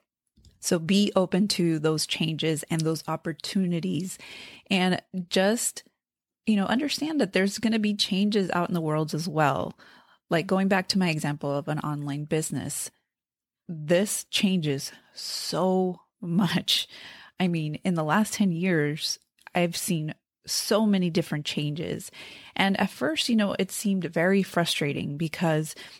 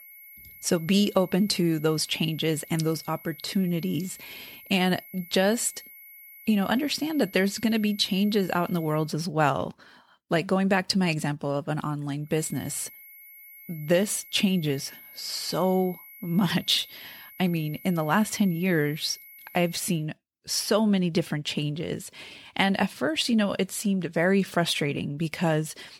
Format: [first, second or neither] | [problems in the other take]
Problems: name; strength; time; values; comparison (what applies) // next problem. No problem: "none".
first | high-pitched whine; noticeable; until 9 s and from 12 to 20 s; 11.5 kHz, 20 dB below the speech